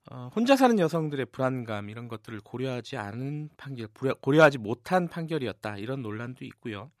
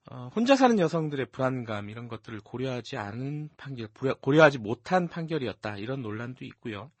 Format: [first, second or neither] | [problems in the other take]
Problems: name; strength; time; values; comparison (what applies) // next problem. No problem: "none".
first | garbled, watery; slightly; nothing above 8 kHz